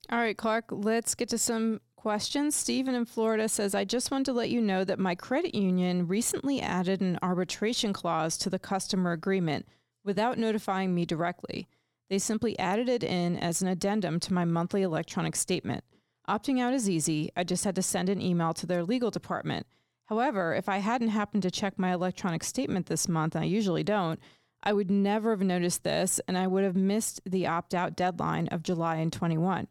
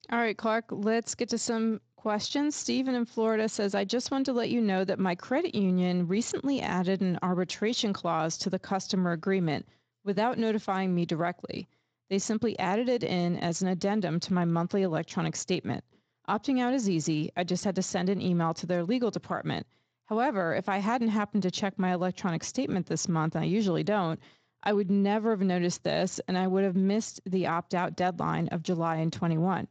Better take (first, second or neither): first